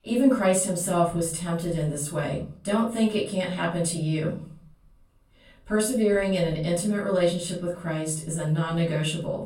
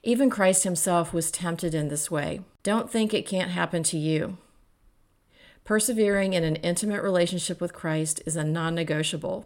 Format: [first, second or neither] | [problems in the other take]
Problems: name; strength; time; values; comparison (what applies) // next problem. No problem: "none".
second | off-mic speech; far // room echo; slight; dies away in 0.5 s